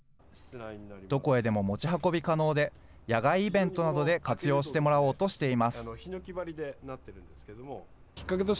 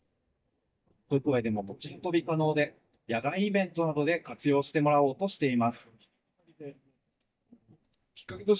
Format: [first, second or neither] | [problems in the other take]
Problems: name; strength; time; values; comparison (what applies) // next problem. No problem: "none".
first | noise reduction (neural mask model DeepFilterNet 3)